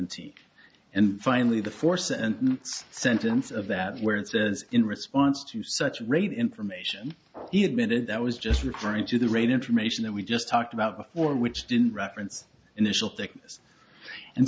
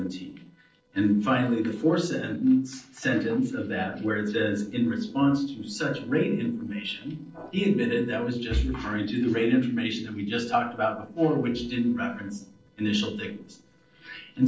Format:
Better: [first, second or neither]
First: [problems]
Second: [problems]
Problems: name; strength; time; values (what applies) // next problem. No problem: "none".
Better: first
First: none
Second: noise reduction (neural separator model SepFormer DNS4)